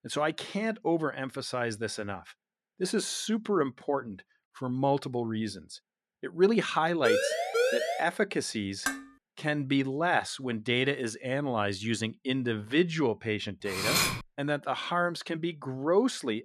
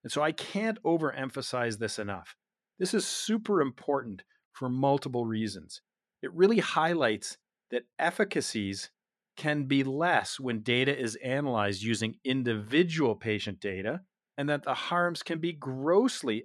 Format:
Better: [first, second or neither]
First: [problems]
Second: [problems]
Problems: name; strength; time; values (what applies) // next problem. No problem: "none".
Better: second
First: siren; loud; at 7 s; peak 3 dB above the speech // clattering dishes; noticeable; at 9 s; peak 4 dB below the speech // clattering dishes; loud; at 14 s; peak 5 dB above the speech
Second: none